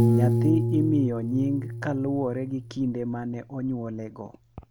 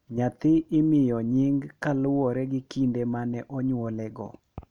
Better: second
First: background sound (Piano); as loud as the speech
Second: none

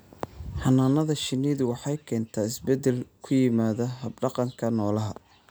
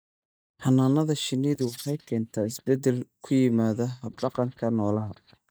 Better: first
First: none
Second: noise reduction (neural mask model DeepFilterNet 3)

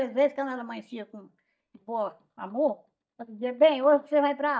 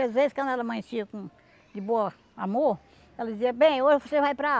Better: second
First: noise reduction (neural mask model DeepFilterNet 3)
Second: none

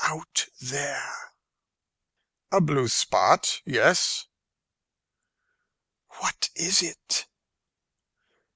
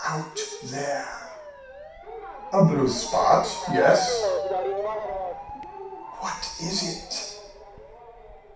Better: first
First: none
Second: background sound (Motor vehicle (road) / Siren); 5 dB below the speech // room echo; dies away in 0.6 s

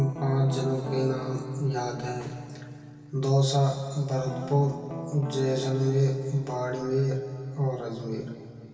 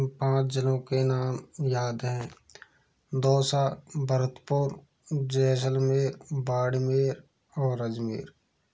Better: second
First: background sound (Guitar); 13 dB below the speech // room echo; dies away in 2.5 s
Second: none

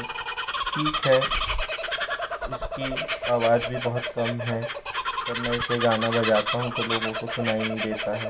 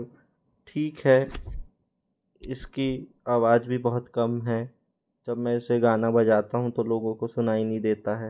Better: second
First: background sound (Bird vocalization, bird call, bird song); 2 dB below the speech // room echo; dies away in 0.2 s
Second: none

